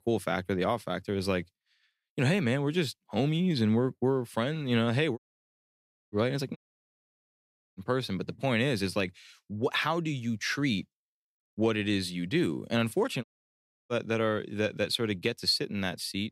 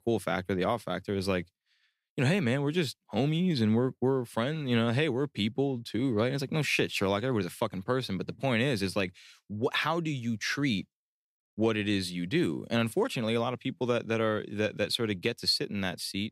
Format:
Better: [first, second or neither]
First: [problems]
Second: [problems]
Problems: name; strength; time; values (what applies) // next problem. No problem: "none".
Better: second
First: audio cutting out; at 5 s for 1 s, at 6.5 s for 1 s and at 13 s for 0.5 s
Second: none